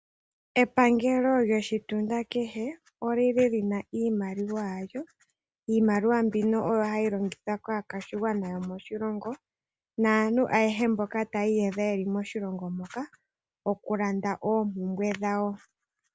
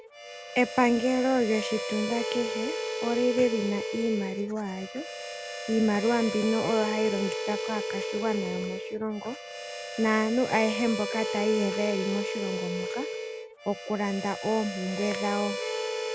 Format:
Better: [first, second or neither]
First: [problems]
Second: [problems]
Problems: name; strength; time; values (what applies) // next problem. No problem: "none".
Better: first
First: none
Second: background sound (Harmonica); 5 dB below the speech